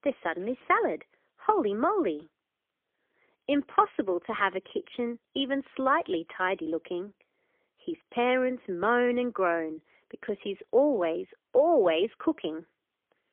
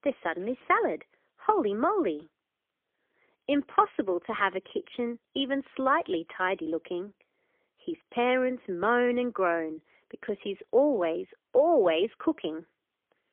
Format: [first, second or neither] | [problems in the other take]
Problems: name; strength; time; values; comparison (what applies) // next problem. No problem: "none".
neither | phone-call audio; poor line; nothing above 3.5 kHz; the same in both